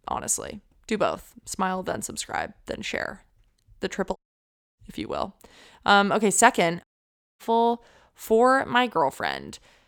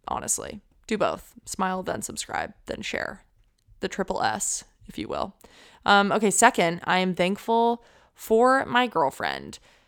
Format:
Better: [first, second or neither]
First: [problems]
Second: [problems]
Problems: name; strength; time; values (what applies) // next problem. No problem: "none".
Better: second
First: audio cutting out; at 4 s for 0.5 s and at 7 s for 0.5 s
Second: none